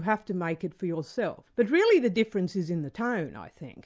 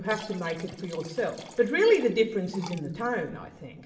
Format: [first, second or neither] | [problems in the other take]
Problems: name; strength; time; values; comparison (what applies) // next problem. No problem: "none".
first | background sound (Liquid); 19 dB below the speech // room echo; dies away in 0.8 s